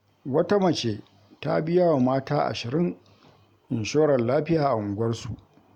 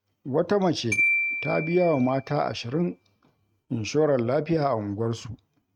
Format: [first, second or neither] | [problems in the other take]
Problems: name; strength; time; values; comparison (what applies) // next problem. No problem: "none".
first | noise reduction (neural mask model RNNoise)